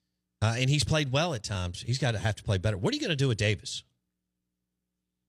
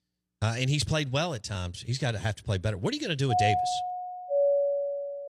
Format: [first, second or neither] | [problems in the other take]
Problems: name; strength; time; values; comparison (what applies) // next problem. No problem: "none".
first | doorbell; loud; from 3.5 s on; peak 5 dB above the speech